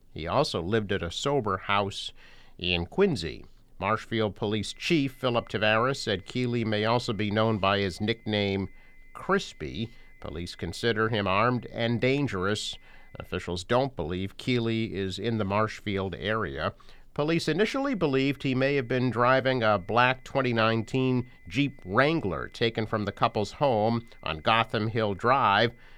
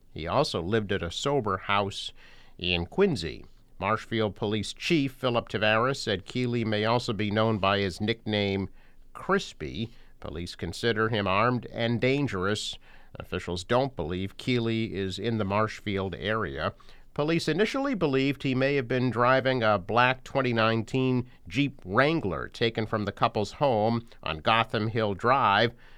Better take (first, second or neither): second